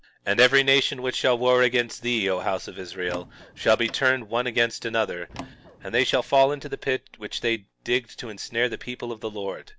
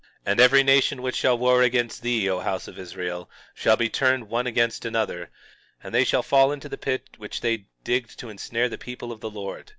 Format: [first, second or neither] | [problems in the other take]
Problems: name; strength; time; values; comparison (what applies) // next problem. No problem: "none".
second | background sound (Door); 18 dB below the speech